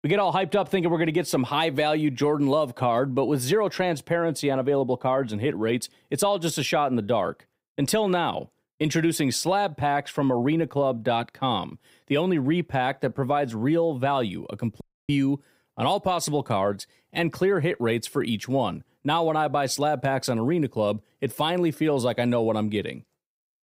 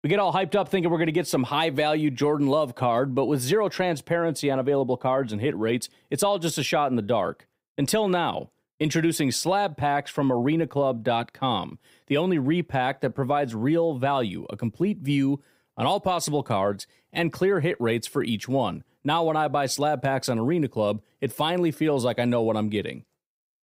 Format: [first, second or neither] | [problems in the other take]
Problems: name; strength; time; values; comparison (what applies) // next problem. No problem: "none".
second | audio cutting out; at 15 s